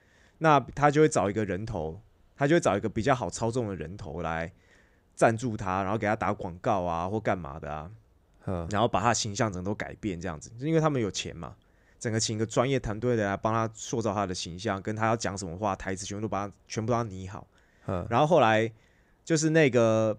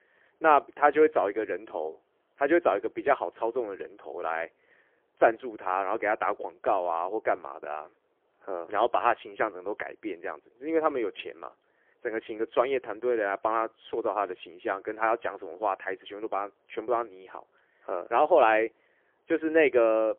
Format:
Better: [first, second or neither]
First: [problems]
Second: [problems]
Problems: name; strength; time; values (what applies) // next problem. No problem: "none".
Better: first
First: none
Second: phone-call audio; poor line; nothing above 3.5 kHz